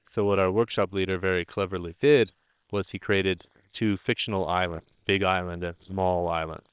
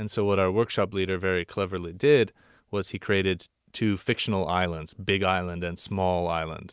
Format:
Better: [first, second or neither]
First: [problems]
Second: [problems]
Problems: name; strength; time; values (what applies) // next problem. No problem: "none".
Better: second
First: noise reduction (neural separator model SepFormer WHAM!)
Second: none